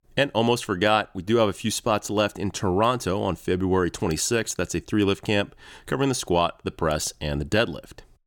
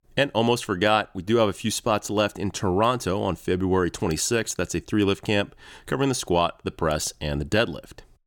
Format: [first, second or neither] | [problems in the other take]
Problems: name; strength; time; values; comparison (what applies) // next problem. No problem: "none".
neither | none